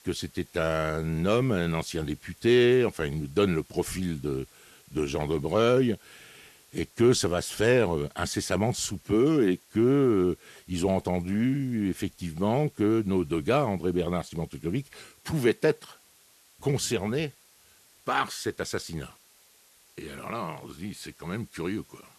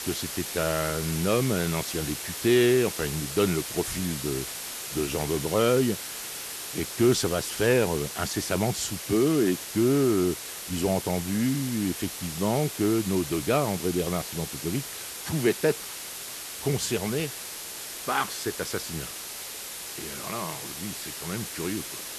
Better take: first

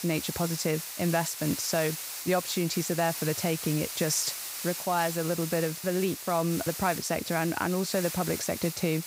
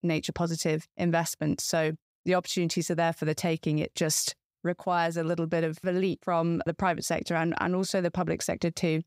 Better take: second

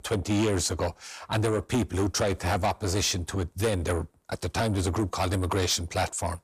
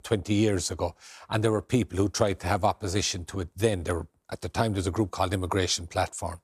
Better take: second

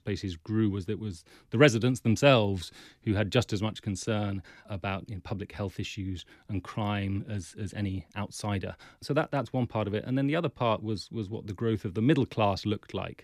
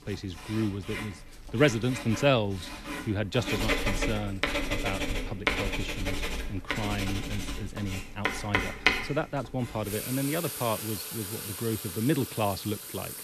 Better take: first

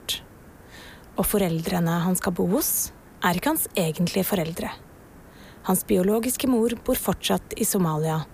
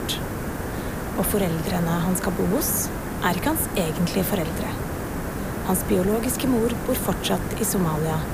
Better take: first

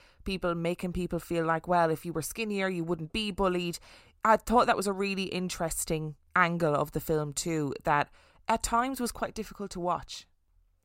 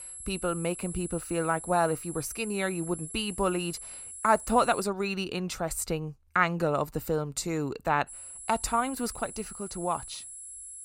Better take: first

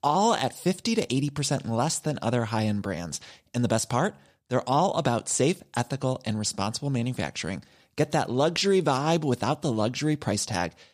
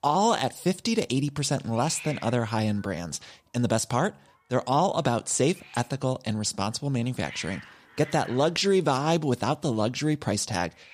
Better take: first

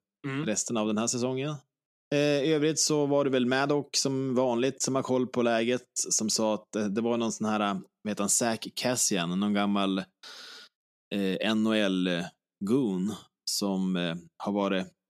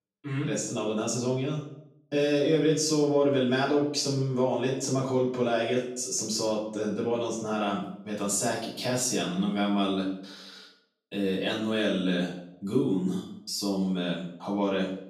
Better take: first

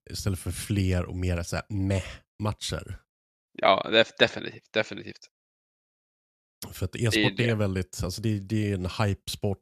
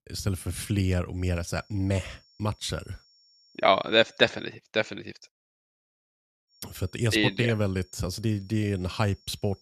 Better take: first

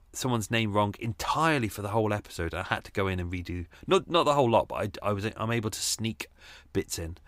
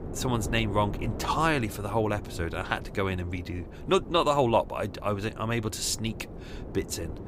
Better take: first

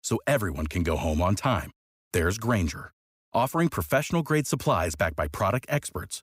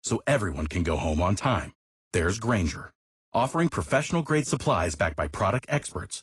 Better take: first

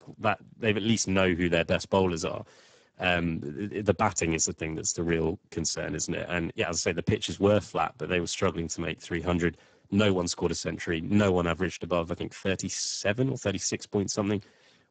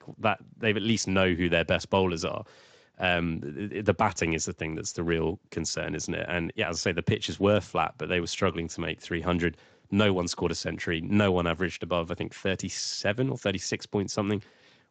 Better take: second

